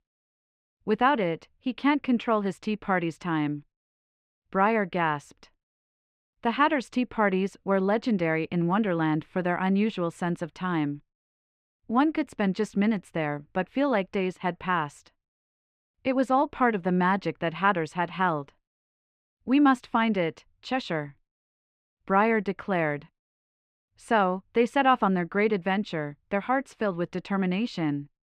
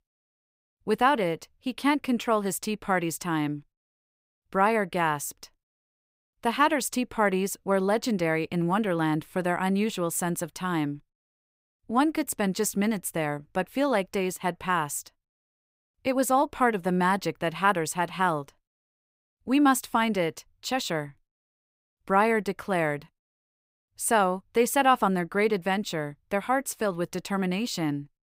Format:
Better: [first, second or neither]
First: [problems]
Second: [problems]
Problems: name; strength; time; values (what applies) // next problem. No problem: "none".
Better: second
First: muffled; slightly; fading above 2.5 kHz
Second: none